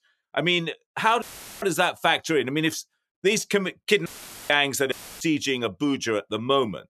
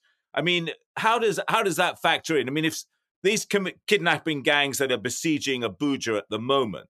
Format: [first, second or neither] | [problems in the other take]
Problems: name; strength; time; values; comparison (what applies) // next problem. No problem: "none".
second | audio cutting out; filled with static; at 1 s, at 4 s and at 5 s